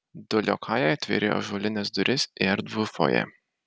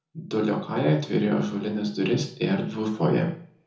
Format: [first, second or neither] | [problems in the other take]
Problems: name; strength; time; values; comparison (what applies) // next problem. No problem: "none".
first | room echo; dies away in 0.6 s